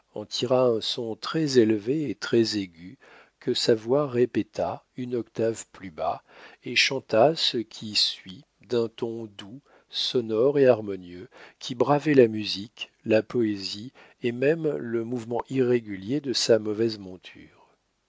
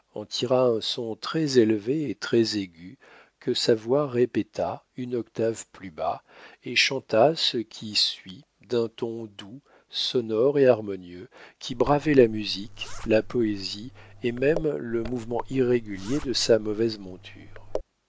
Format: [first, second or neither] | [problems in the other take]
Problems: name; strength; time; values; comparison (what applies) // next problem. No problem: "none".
first | background sound (Zipper (clothing)); 12 dB below the speech